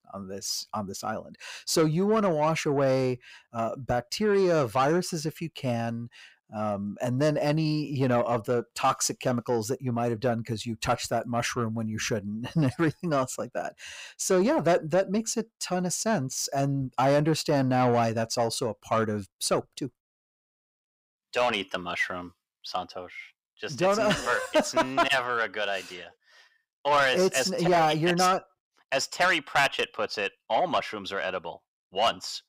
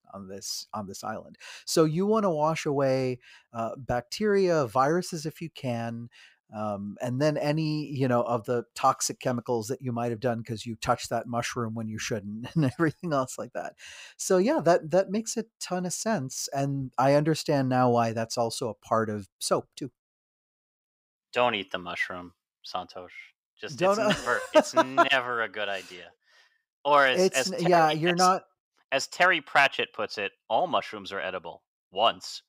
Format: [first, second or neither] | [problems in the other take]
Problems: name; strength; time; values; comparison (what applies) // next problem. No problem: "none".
second | distortion; slight; 10 dB below the speech